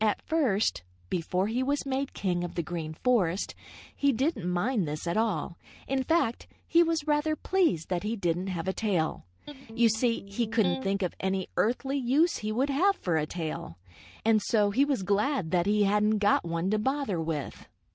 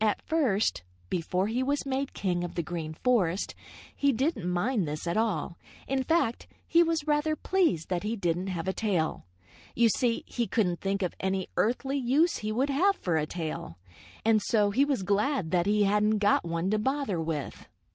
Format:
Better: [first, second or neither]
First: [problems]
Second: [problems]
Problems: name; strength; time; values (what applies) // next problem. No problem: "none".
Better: second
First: background sound (Electric guitar); 12 dB below the speech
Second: none